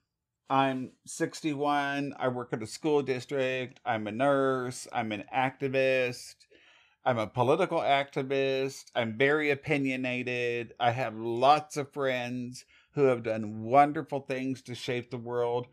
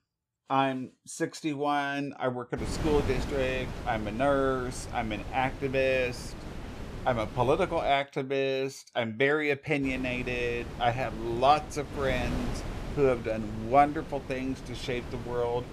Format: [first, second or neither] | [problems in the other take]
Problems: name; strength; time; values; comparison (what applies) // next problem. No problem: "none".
first | wind noise on the microphone; occasional gusts; from 2.5 to 8 s and from 10 s on; 15 dB below the speech